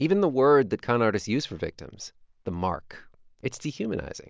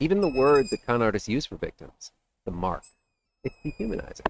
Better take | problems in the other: first | noise reduction (neural mask model RNNoise)

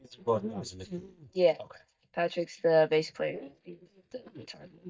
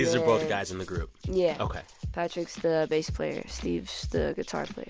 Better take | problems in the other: second | noise reduction (neural mask model DeepFilterNet 3)

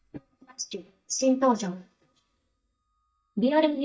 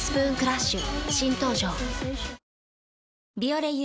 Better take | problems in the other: second | noise reduction (neural mask model DeepFilterNet 3)

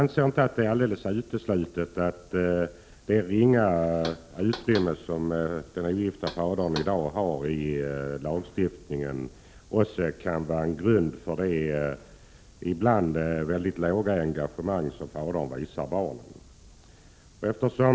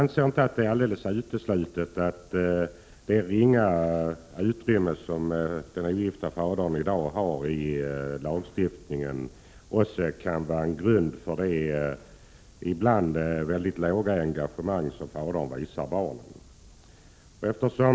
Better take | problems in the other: second | background sound (Knock); 16 dB below the speech

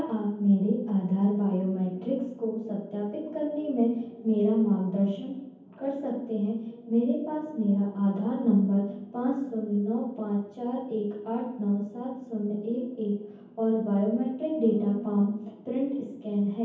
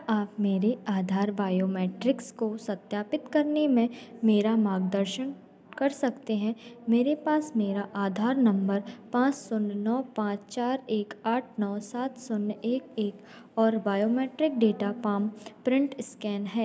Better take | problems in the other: second | room echo; dies away in 0.9 s

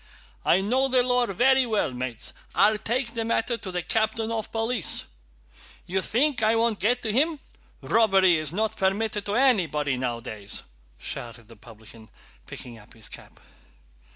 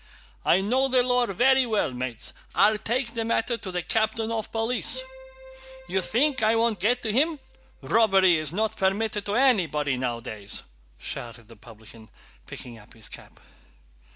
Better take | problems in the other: first | background sound (Keyboard (musical)); 19 dB below the speech

